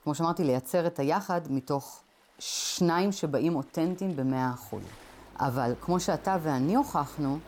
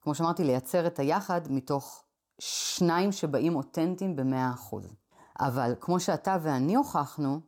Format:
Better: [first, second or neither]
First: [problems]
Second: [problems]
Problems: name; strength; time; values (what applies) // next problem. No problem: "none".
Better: second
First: rain or running water; faint; throughout; 25 dB below the speech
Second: none